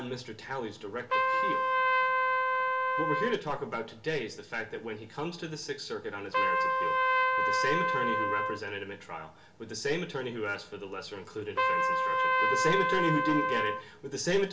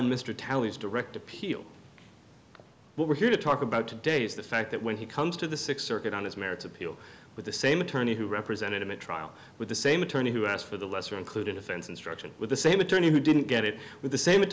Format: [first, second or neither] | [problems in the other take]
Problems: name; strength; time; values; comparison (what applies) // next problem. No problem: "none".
second | background sound (Trumpet); 4 dB above the speech // room echo; dies away in 0.2 s